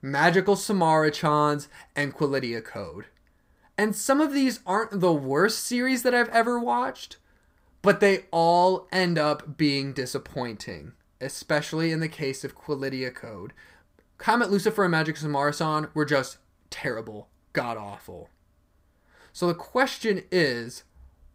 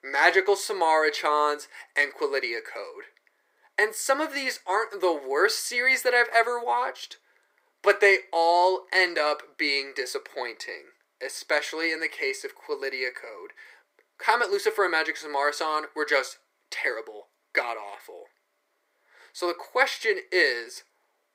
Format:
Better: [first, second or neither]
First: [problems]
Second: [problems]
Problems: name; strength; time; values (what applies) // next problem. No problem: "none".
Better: first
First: none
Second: thin; very; fading below 350 Hz